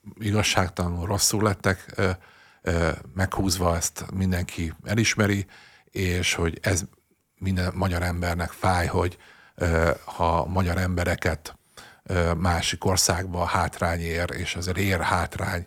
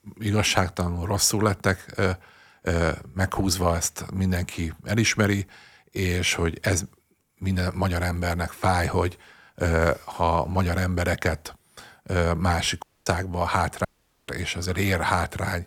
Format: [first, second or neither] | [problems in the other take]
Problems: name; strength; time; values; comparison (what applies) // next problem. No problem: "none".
first | audio cutting out; at 13 s and at 14 s